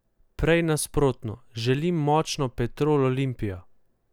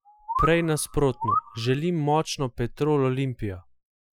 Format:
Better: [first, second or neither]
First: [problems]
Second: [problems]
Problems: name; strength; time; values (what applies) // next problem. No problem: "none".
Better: first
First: none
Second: noise reduction (classical method Wiener filter)